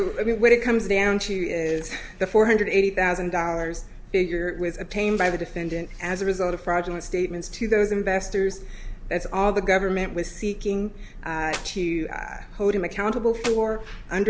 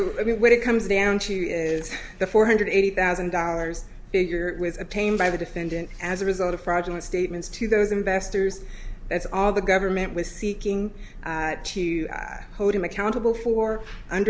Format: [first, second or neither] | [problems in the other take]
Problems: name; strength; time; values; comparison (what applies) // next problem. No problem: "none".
second | background sound (Clapping); 12 dB below the speech